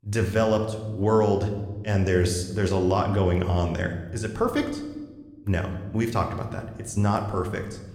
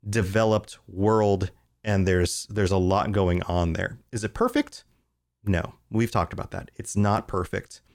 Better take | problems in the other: second | room echo; slight; dies away in 1.1 s

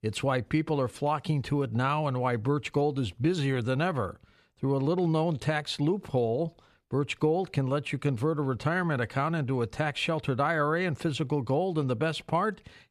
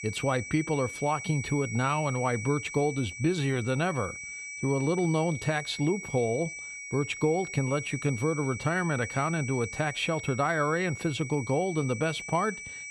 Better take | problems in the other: first | high-pitched whine; loud; throughout; 2.5 kHz, 9 dB below the speech

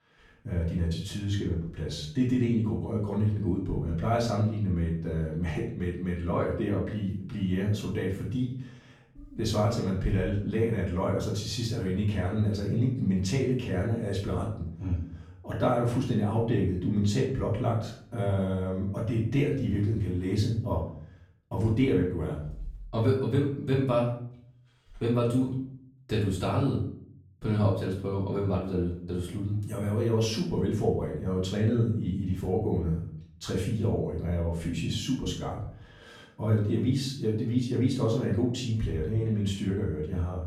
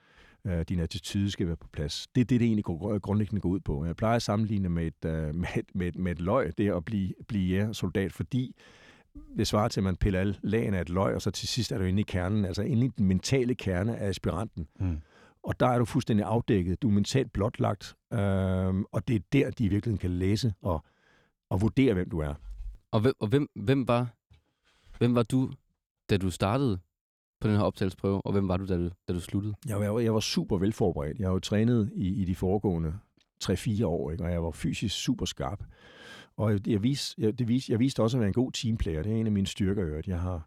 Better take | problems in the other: second | off-mic speech; far // room echo; noticeable; dies away in 0.5 s

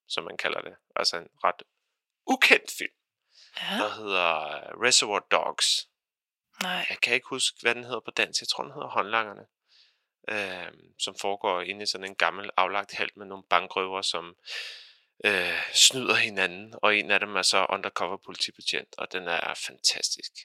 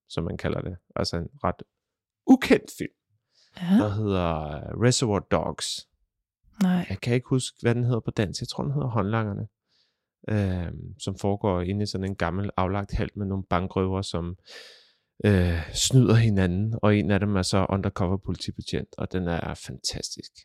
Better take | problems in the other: second | thin; very; fading below 700 Hz

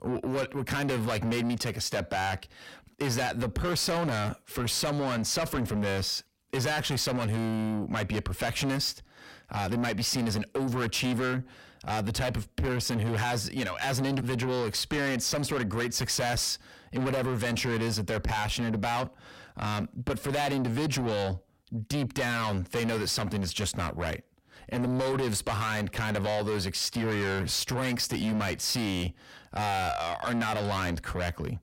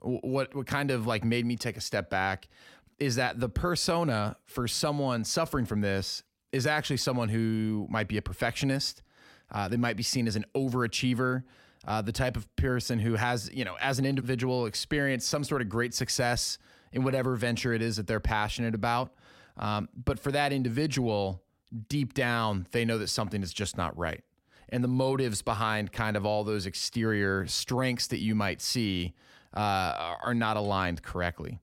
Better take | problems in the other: second | distortion; heavy; 6 dB below the speech

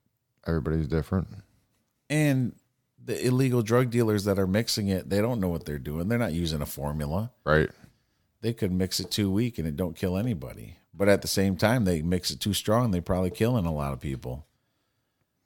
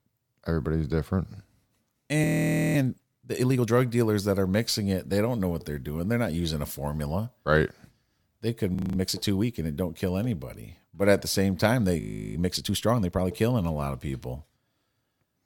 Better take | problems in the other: first | audio freezing; at 2 s for 0.5 s, at 9 s and at 12 s

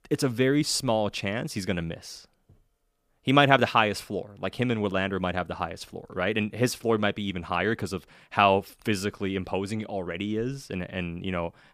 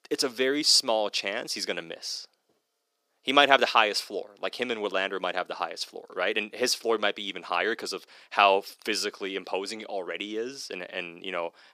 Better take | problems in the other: first | thin; somewhat; fading below 350 Hz

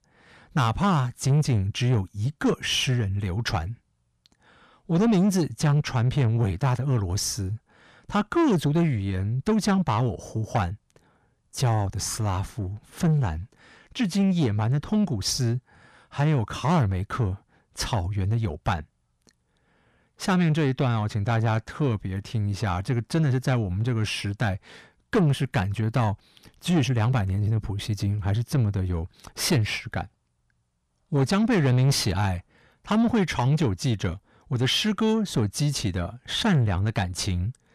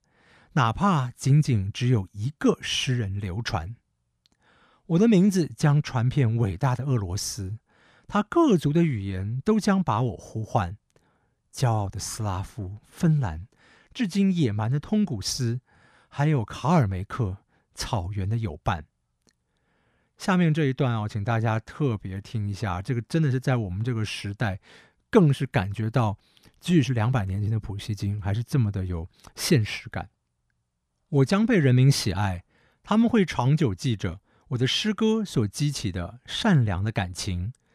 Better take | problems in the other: second | distortion; slight; 10 dB below the speech

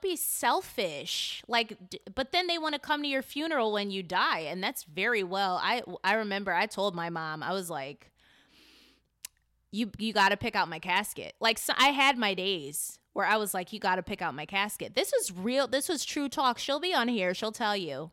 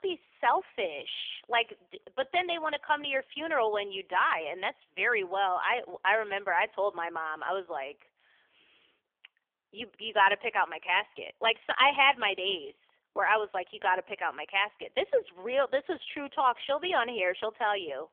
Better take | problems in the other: first | phone-call audio; poor line; nothing above 3.5 kHz

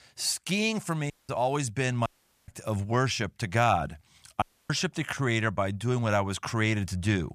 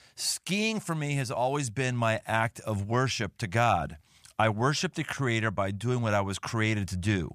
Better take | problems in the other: second | audio cutting out; at 1 s, at 2 s and at 4.5 s

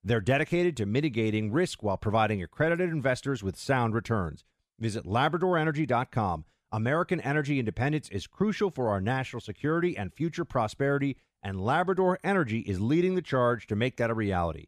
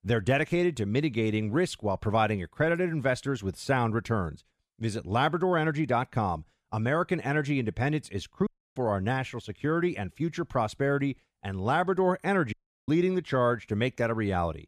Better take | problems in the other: first | audio cutting out; at 8.5 s and at 13 s

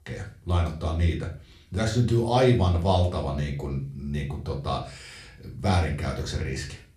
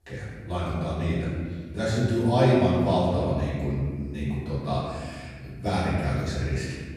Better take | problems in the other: first | room echo; strong; dies away in 1.7 s; slight in the first // off-mic speech; far; far in the first

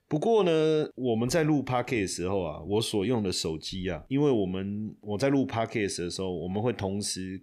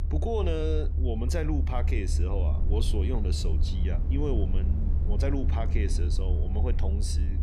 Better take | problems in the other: first | low rumble; loud; throughout; 9 dB below the speech

